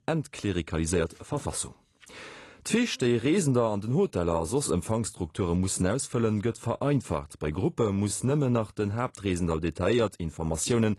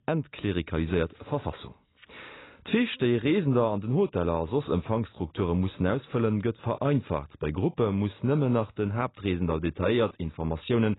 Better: first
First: garbled, watery; slightly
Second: garbled, watery; badly; nothing above 4 kHz

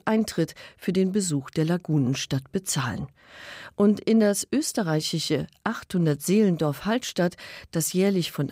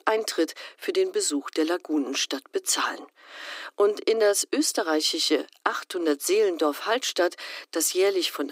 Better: first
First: none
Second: thin; somewhat; fading below 300 Hz

